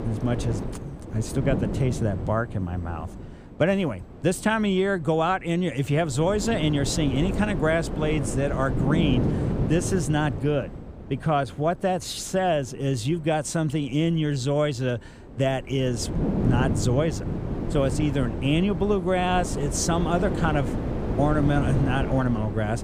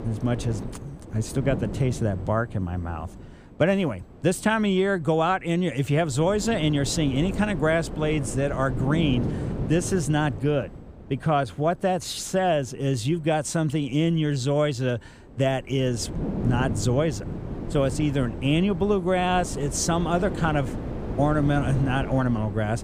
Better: second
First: wind noise on the microphone; heavy; 8 dB below the speech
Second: wind noise on the microphone; occasional gusts; 10 dB below the speech

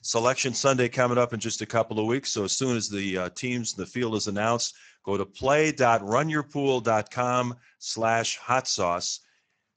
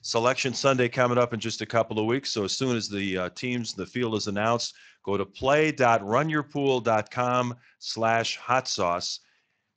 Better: second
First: garbled, watery; badly; nothing above 7.5 kHz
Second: garbled, watery; slightly

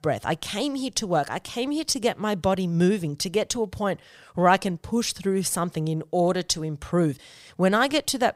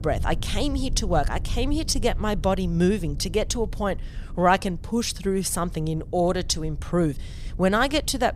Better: first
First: none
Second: low rumble; faint; throughout; 25 dB below the speech

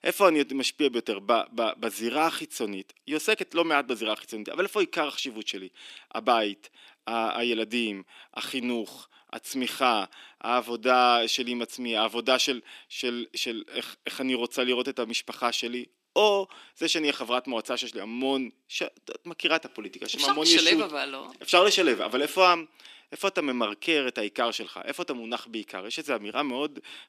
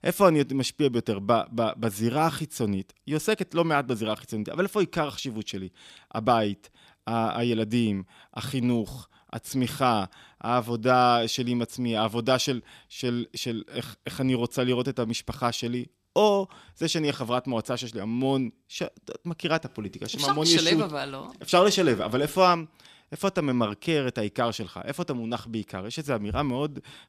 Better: second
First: thin; very slightly; fading below 300 Hz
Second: none

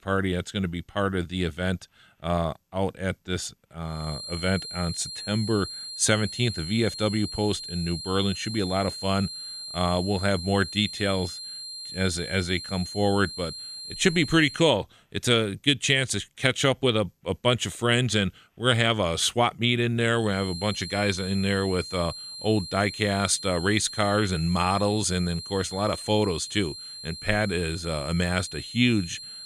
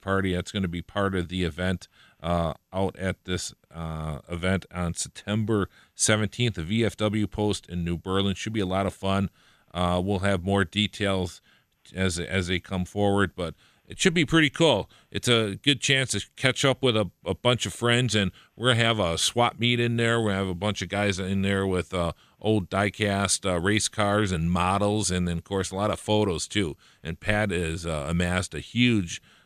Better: second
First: high-pitched whine; loud; from 4 to 15 s and from 20 s on; 4 kHz, 10 dB below the speech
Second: none

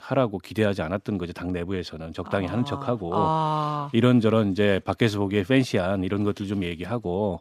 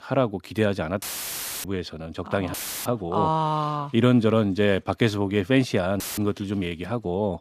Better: first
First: none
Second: audio cutting out; filled with static; at 1 s for 0.5 s, at 2.5 s and at 6 s

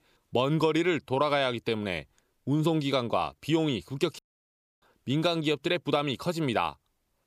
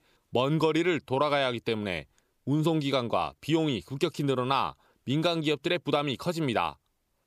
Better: second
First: audio cutting out; at 4 s for 0.5 s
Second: none

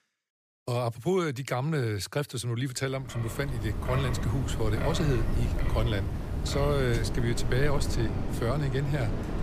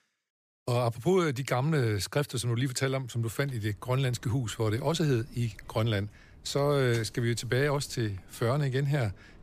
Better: second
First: wind in the background; loud; from 3.5 s on; 2 dB below the speech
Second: wind in the background; faint; from 3.5 s on; 25 dB below the speech

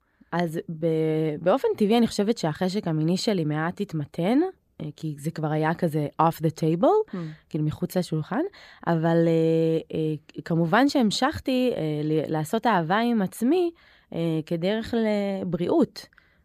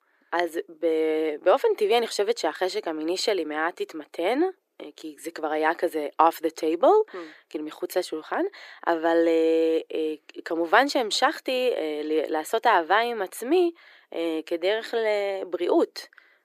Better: first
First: none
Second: thin; very; fading below 350 Hz

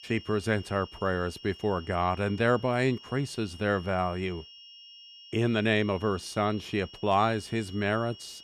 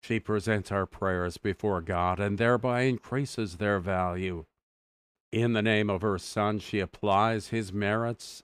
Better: second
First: high-pitched whine; noticeable; throughout; 3 kHz, 20 dB below the speech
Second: none

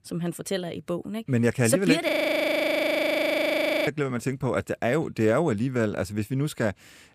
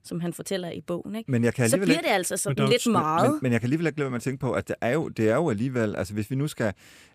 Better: second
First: audio freezing; at 2 s for 2 s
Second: none

